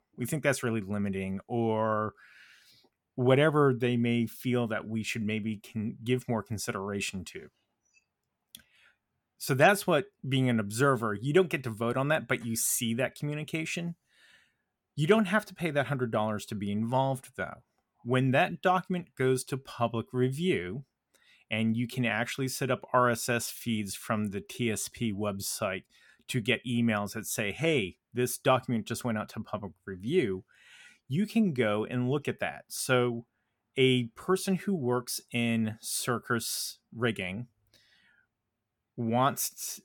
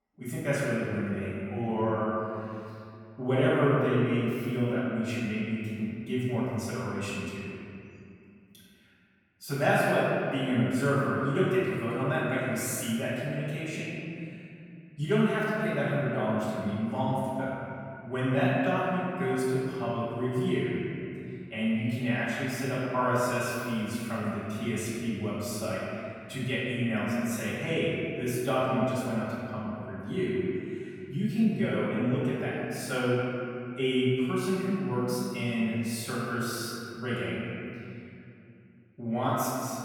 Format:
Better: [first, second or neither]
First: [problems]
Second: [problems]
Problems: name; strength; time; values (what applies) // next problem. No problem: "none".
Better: first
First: none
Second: off-mic speech; far // room echo; strong; dies away in 2.6 s